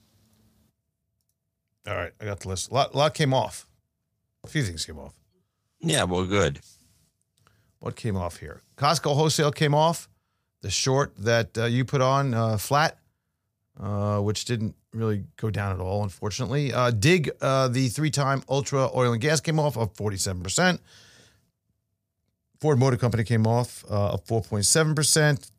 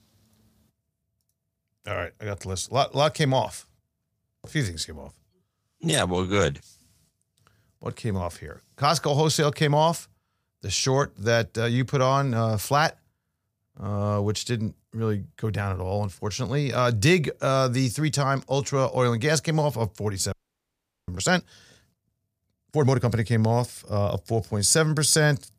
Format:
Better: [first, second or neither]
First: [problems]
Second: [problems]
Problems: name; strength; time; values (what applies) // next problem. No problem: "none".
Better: first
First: none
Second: audio freezing; at 20 s for 1 s